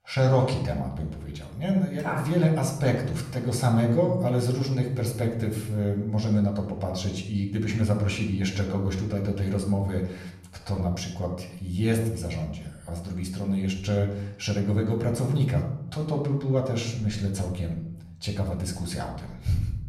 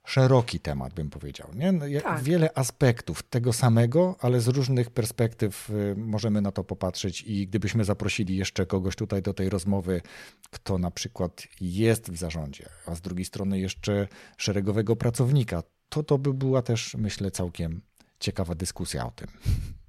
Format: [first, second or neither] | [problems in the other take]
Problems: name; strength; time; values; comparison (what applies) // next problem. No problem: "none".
second | off-mic speech; somewhat distant // room echo; slight; dies away in 0.7 s